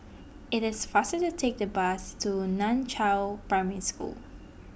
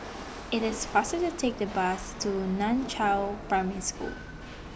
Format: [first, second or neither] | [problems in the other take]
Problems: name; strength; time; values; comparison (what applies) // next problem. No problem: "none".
first | background sound (Rattle / Chatter / Hiss / Engine / Mechanisms); 11 dB below the speech